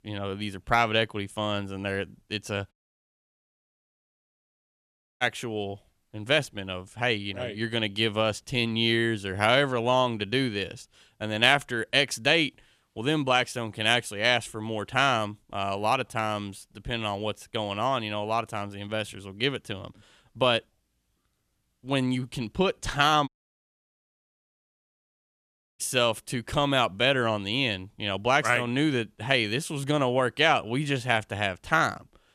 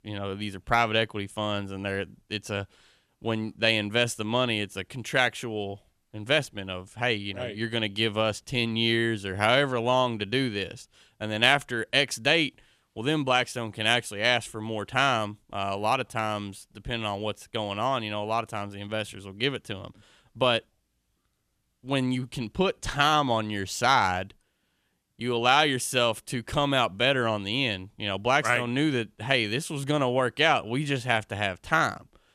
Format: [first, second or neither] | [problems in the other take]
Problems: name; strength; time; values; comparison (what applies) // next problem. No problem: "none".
second | audio cutting out; at 2.5 s for 2.5 s and at 23 s for 2.5 s